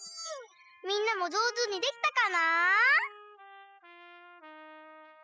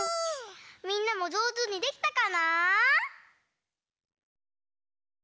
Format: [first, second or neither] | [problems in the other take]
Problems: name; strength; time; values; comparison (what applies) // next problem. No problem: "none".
second | noise reduction (classical method spectral subtraction)